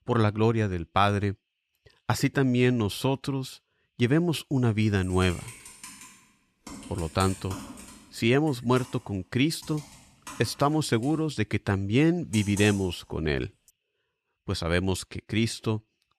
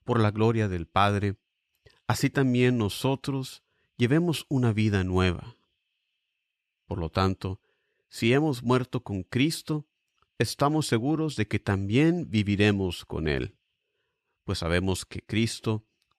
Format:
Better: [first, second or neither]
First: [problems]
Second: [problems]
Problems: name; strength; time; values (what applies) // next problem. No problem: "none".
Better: second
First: keyboard typing; faint; from 5 to 14 s; peak 10 dB below the speech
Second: none